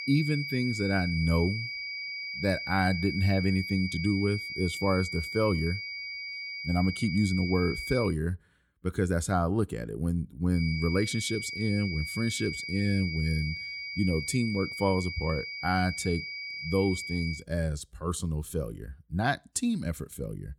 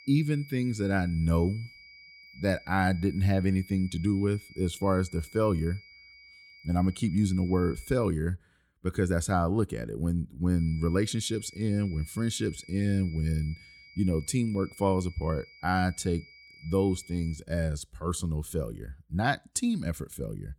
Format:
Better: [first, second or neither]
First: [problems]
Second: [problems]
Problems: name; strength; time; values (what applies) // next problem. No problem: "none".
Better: second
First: high-pitched whine; loud; until 8 s and from 11 to 17 s; 2.5 kHz, 5 dB below the speech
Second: high-pitched whine; faint; until 8 s and from 11 to 17 s; 2.5 kHz, 20 dB below the speech